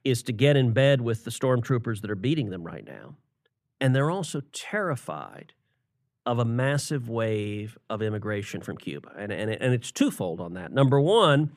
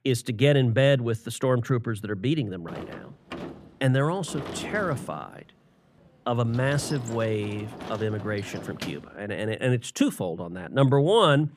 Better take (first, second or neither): first